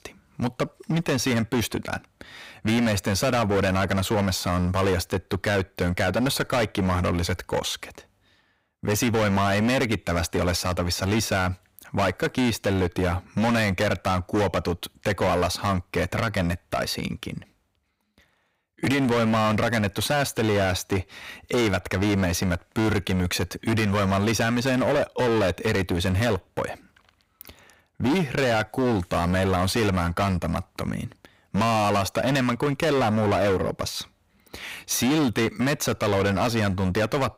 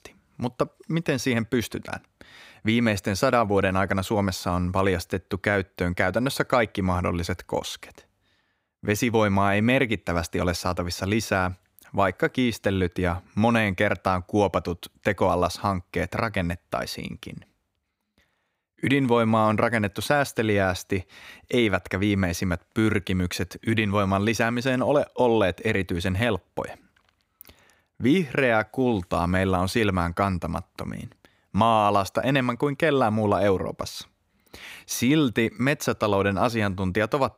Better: second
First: distortion; heavy; 20% of the sound clipped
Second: none

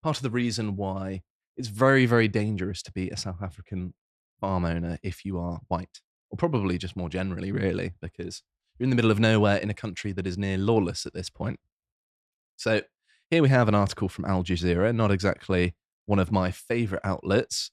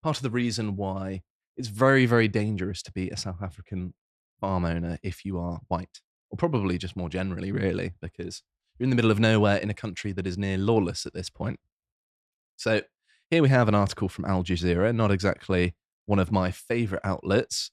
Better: neither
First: none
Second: none

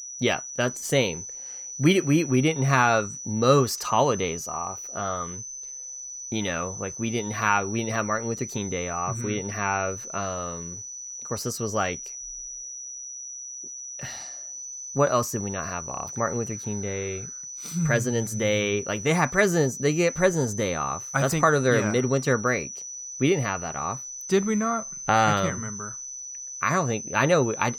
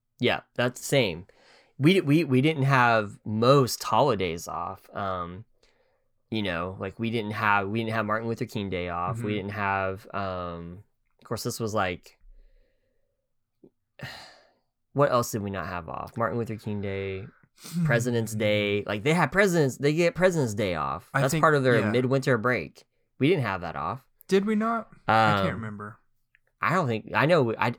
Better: second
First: high-pitched whine; loud; throughout; 6 kHz, 9 dB below the speech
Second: none

